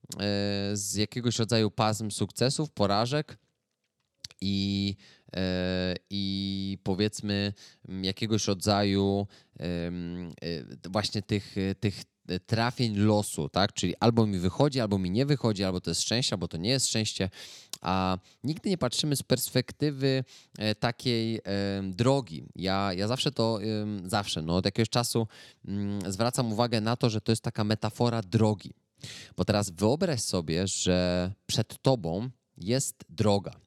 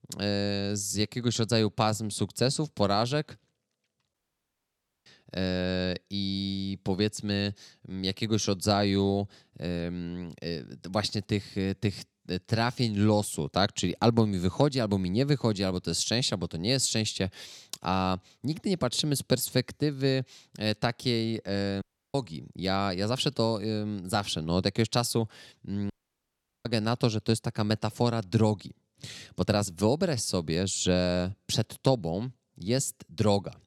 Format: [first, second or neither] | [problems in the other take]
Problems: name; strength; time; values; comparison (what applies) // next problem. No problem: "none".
first | audio cutting out; at 4 s for 1 s, at 22 s and at 26 s for 1 s